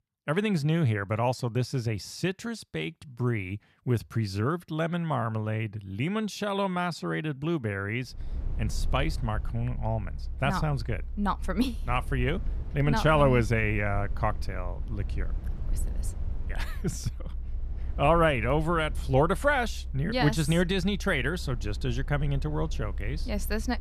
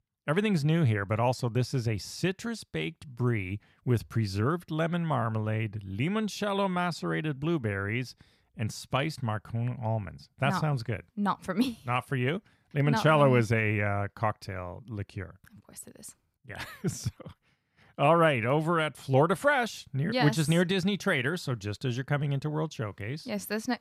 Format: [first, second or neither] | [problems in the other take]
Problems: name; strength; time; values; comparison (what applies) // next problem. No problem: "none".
second | low rumble; faint; from 8 s on; 25 dB below the speech